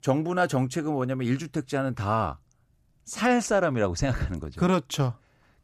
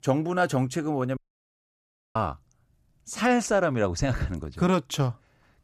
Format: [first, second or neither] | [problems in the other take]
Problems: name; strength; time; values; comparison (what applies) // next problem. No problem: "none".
first | audio cutting out; at 1 s for 1 s